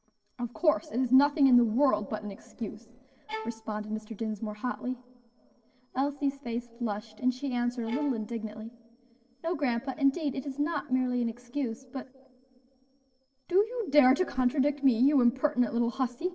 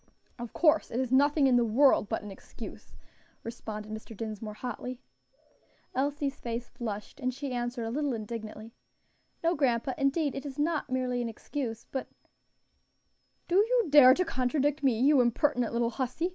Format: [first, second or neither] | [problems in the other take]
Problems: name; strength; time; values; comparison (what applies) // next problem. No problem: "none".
second | noise reduction (neural separator model SepFormer DNS4)